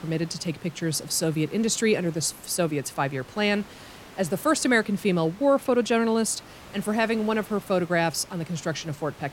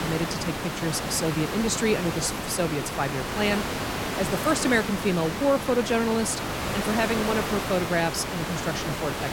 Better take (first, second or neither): first